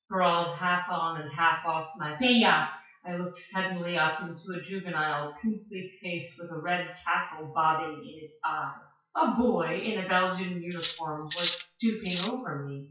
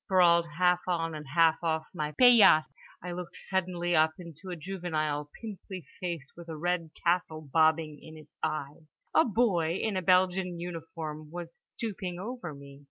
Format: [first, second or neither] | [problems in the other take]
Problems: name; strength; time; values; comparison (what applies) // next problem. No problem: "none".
second | noise reduction (classical method WPE with log-MMSE)